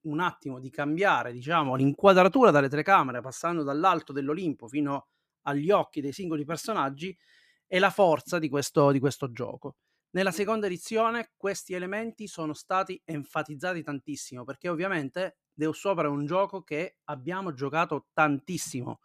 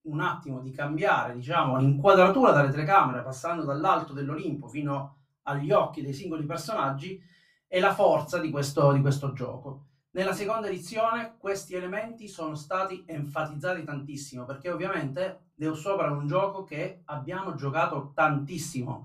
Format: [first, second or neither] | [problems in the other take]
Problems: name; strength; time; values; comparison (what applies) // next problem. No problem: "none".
first | off-mic speech; far // room echo; very slight; dies away in 0.3 s